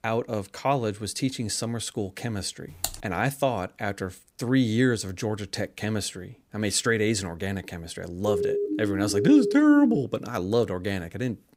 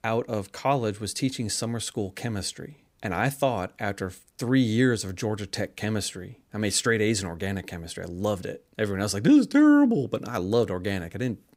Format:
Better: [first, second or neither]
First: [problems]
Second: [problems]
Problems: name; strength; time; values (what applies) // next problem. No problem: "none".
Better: second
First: keyboard typing; noticeable; at 3 s; peak 6 dB below the speech // siren; noticeable; from 8 to 10 s; peak level with the speech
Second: none